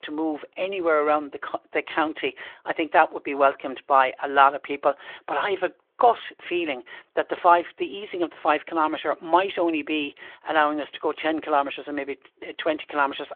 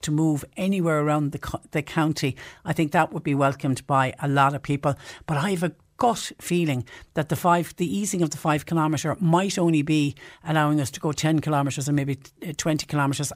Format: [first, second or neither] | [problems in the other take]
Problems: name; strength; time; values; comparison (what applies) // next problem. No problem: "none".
second | phone-call audio